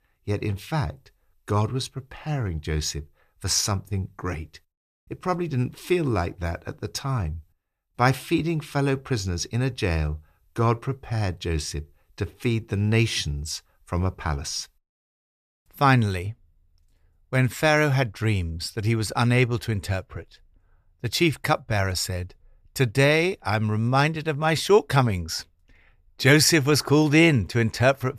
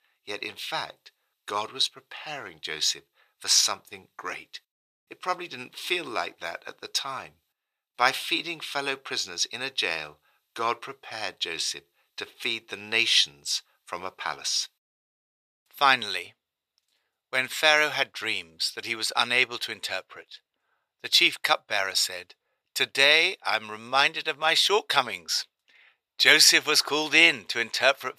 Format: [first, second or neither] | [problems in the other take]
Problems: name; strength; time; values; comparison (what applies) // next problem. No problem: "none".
first | thin; very; fading below 600 Hz